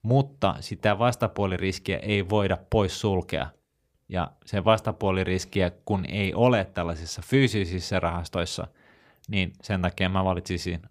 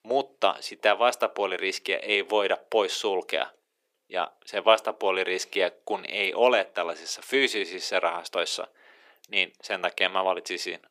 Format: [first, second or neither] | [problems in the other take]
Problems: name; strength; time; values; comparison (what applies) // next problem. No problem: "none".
first | thin; very; fading below 350 Hz